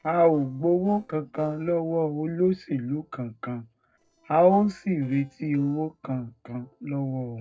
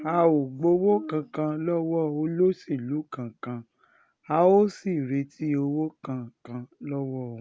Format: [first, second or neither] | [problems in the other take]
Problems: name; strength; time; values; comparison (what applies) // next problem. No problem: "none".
second | noise reduction (neural separator model SepFormer DNS4)